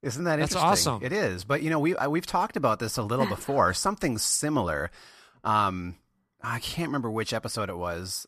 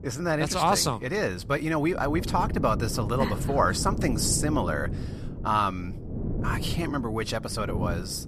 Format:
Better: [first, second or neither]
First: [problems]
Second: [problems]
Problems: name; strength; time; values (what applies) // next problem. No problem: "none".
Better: first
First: none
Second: wind noise on the microphone; occasional gusts; 15 dB below the speech